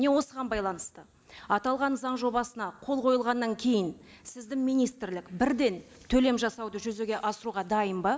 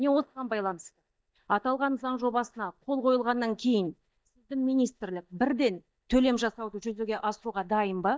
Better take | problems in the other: first | noise reduction (neural mask model DeepFilterNet 3)

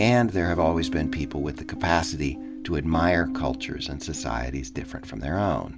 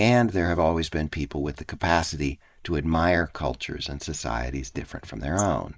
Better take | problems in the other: first | noise reduction (neural mask model Resemble Enhance denoiser)

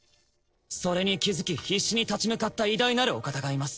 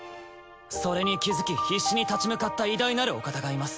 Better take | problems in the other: second | noise reduction (neural separator model SepFormer DNS4)

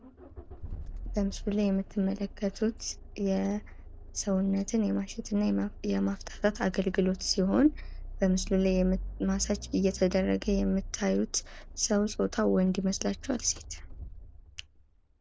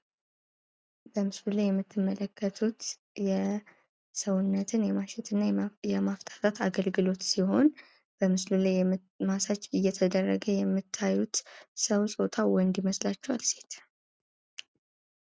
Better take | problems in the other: second | background sound (Accelerating, revving, vroom); 12 dB below the speech

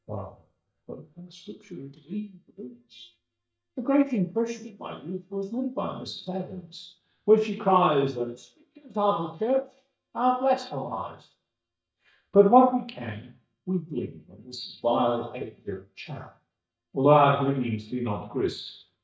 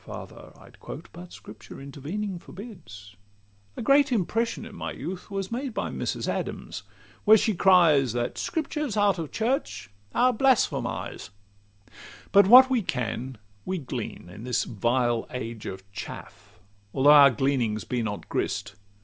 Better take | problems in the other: second | noise reduction (neural mask model DeepFilterNet 3)

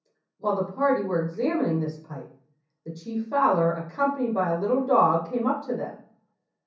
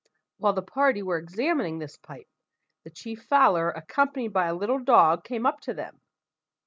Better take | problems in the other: second | room echo; dies away in 0.6 s

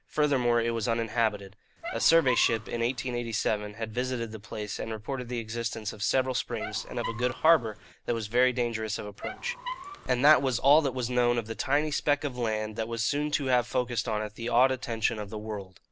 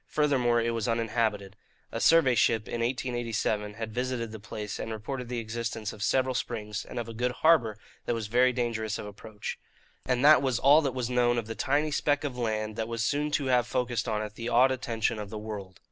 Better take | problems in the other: second | background sound (Squeak); 12 dB below the speech

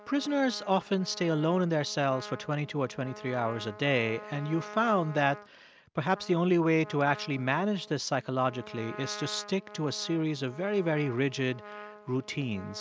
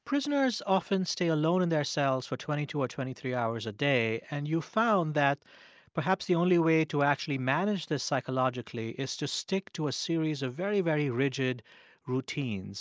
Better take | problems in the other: second | background sound (Trumpet); 17 dB below the speech

